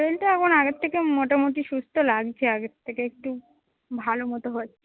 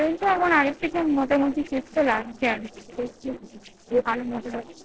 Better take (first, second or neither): first